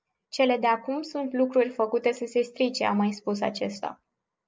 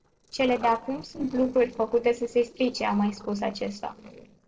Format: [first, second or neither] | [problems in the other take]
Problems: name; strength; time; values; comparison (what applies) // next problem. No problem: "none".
first | noise reduction (neural separator model SepFormer DNS4)